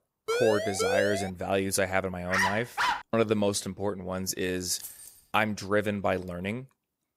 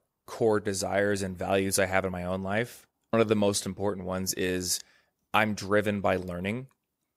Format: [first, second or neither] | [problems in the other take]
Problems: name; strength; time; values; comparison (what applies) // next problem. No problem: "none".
second | siren; loud; until 1.5 s; peak 1 dB above the speech // dog barking; loud; at 2.5 s; peak 2 dB above the speech // jangling keys; faint; at 5 s; peak 15 dB below the speech